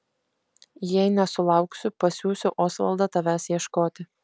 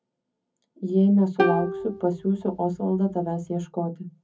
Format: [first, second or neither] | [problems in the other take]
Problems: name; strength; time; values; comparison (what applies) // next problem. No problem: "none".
first | background sound (Plucked string instrument); 6 dB below the speech // room echo; dies away in 0.3 s